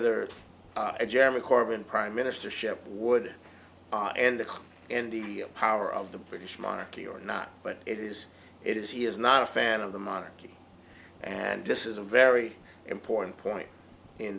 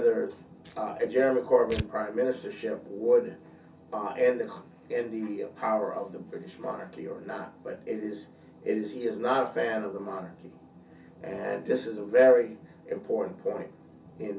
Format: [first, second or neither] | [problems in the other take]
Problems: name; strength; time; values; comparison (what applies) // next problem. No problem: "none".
first | background sound (Tearing); 13 dB below the speech // room echo; dies away in 0.3 s